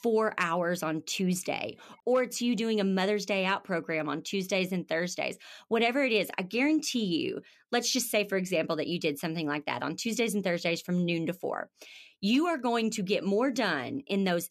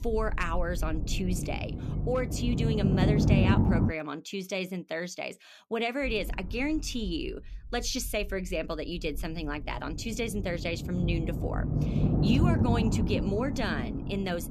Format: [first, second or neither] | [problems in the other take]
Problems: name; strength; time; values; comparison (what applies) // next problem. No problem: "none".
first | low rumble; loud; until 4 s and from 6 s on; 3 dB below the speech